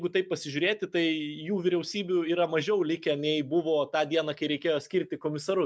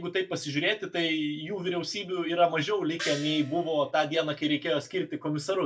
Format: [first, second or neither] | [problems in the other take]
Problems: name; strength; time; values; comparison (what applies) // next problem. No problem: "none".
first | background sound (Gong); 11 dB below the speech // room echo; dies away in 0.2 s